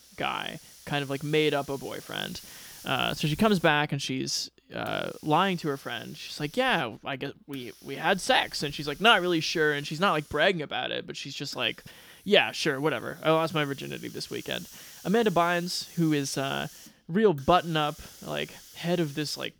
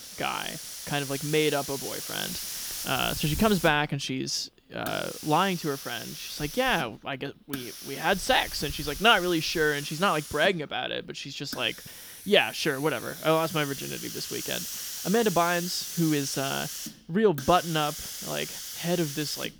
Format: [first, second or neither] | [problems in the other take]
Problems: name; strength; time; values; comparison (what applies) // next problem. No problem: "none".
first | hiss; loud; throughout; 8 dB below the speech; faint in the first